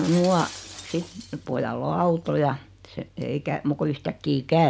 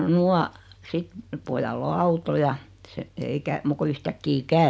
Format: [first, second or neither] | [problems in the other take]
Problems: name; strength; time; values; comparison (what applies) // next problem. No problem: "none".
second | background sound (Shatter); 20 dB below the speech